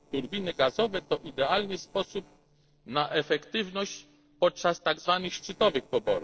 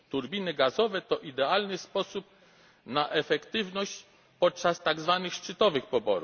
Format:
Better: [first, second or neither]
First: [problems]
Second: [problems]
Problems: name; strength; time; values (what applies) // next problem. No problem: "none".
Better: second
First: noise reduction (neural separator model SepFormer DNS4)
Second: none